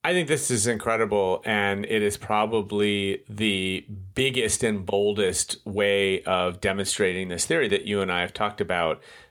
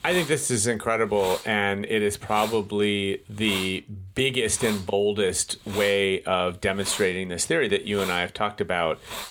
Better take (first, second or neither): first